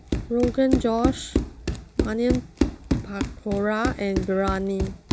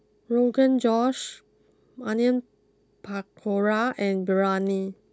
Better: second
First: background sound (Run); 1 dB below the speech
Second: none

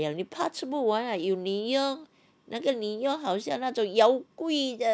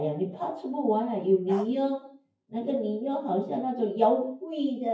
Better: first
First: none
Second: noise reduction (classical method WPE with log-MMSE)

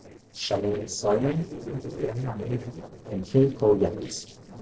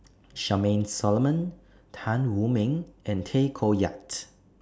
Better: second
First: noise reduction (neural separator model SepFormer DNS4)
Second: none

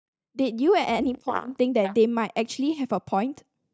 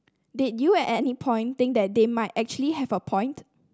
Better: second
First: noise reduction (neural mask model DeepFilterNet 3)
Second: none

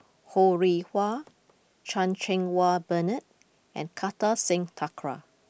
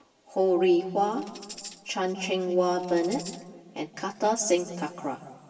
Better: first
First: none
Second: background sound (Tambourine); 17 dB below the speech // room echo; dies away in 1.7 s

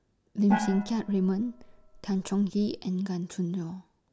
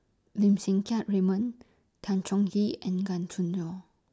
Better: second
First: background sound (Gong); 8 dB below the speech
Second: none

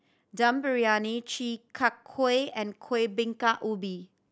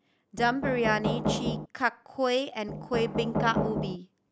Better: first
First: none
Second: background sound (Knock); 1 dB below the speech

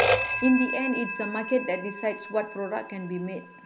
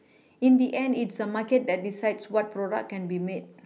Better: second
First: background sound (Telephone); 2 dB below the speech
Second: none

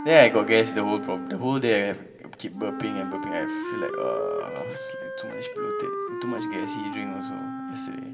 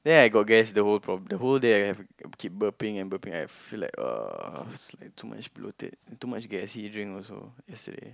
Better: second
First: background sound (Wind instrument, woodwind instrument); 6 dB below the speech // room echo; dies away in 1.5 s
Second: none

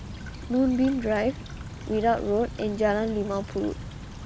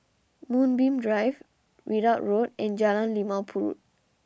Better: second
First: background sound (Stream / Trickle, dribble); 11 dB below the speech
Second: none

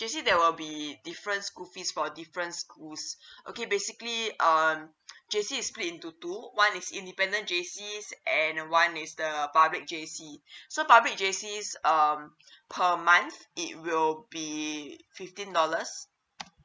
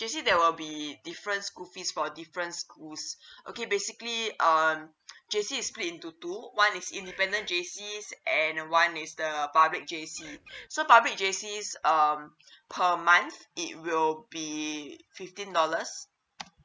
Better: first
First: none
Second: background sound (Bird); 18 dB below the speech

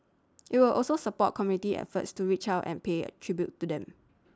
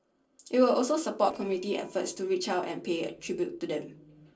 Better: first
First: none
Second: noise reduction (neural separator model SepFormer DNS4)

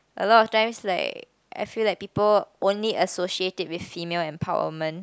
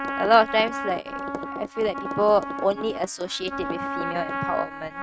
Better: first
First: none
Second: noise reduction (neural mask model RNNoise)

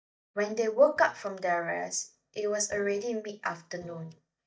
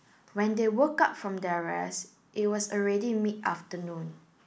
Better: second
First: noise reduction (neural mask model DeepFilterNet 3)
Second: none

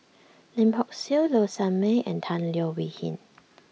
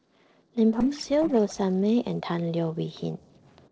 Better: first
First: none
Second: noise reduction (neural separator model SepFormer DNS4)

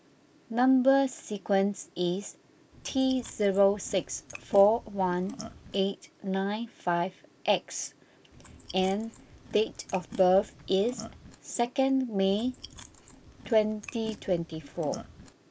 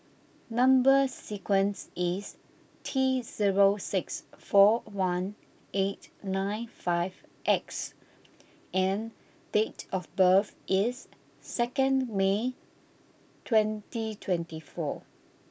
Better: second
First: background sound (Chewing, mastication); 17 dB below the speech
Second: none

